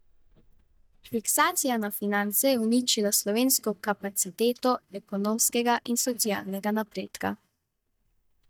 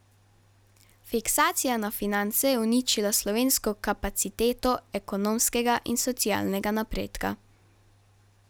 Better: second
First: noise reduction (neural mask model DeepFilterNet 3)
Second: none

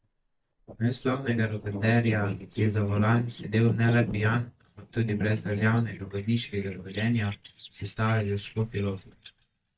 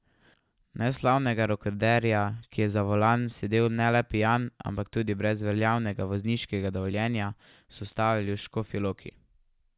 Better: second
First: noise reduction (neural mask model DeepFilterNet 3)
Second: none

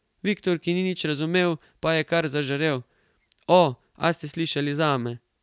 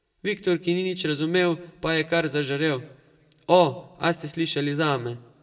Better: first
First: none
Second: room echo; dies away in 0.5 s

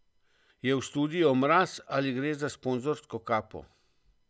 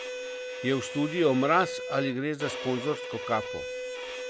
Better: first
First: none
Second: background sound (Bowed string instrument); 7 dB below the speech

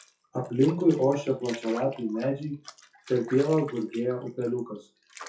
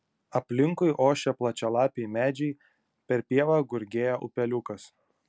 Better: second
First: noise reduction (classical method WPE with log-MMSE)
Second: none

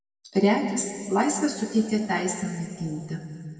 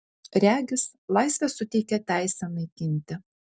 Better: second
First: room echo; dies away in 2.2 s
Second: none

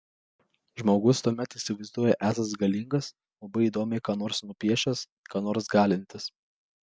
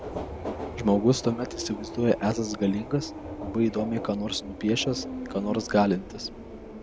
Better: first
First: none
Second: background sound (Subway, metro, underground); 9 dB below the speech

